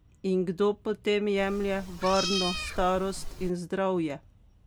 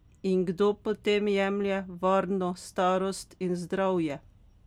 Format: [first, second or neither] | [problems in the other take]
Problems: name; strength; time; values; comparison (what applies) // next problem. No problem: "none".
second | background sound (Meow); 6 dB below the speech